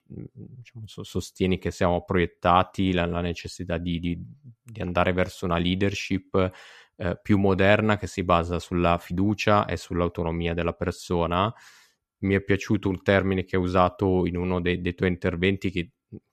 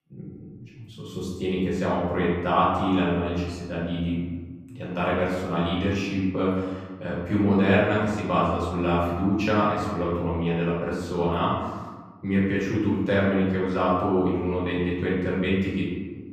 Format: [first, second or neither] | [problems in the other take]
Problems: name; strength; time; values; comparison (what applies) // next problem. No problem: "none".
first | off-mic speech; far // room echo; noticeable; dies away in 1.3 s